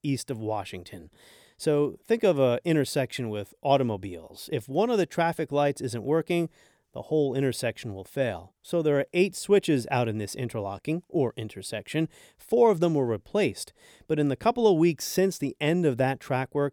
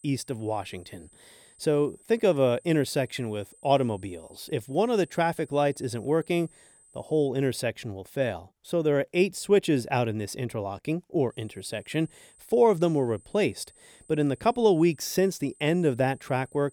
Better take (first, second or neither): first